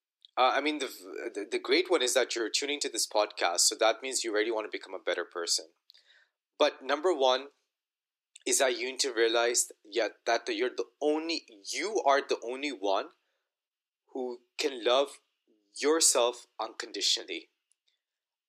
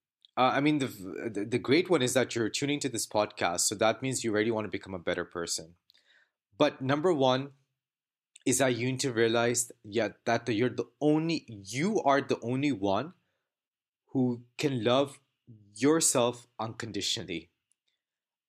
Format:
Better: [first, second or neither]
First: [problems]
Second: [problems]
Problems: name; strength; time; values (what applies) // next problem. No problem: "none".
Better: second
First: thin; somewhat; fading below 350 Hz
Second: none